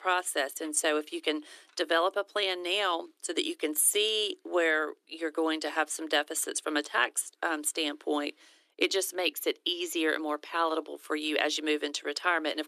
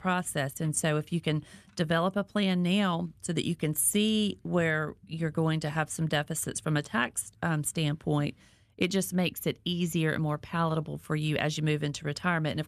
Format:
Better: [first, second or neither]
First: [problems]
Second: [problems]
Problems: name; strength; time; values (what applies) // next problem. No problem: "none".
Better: second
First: thin; very; fading below 300 Hz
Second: none